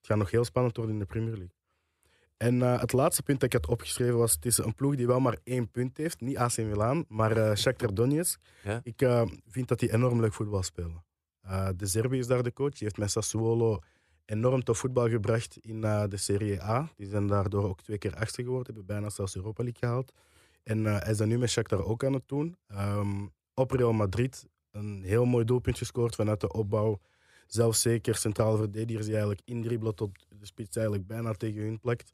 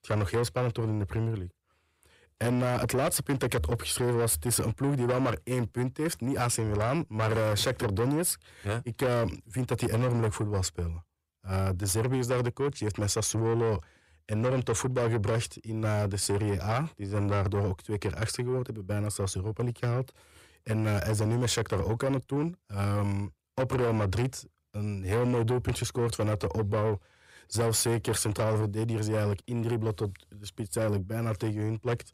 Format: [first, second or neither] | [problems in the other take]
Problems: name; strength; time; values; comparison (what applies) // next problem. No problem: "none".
first | distortion; heavy; 8 dB below the speech